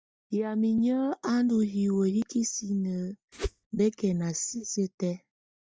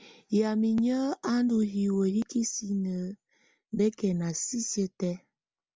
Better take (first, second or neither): second